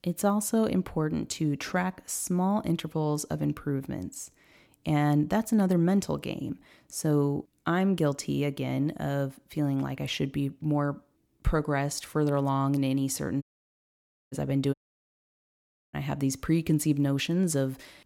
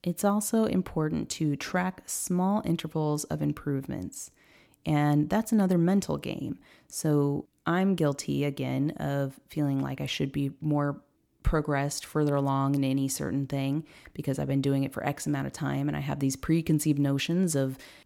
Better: second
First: audio cutting out; at 13 s for 1 s and at 15 s for 1 s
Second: none

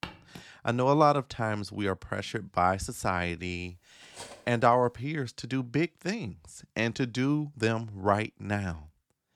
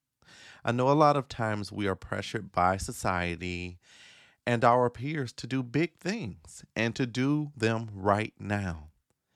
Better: second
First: footsteps; faint; at the start; peak 15 dB below the speech // clattering dishes; faint; at 4 s; peak 15 dB below the speech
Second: none

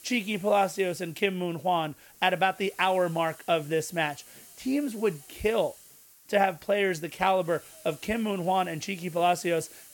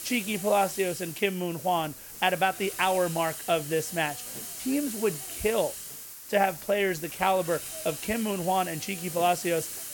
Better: first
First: hiss; faint; throughout; 20 dB below the speech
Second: hiss; loud; throughout; 9 dB below the speech

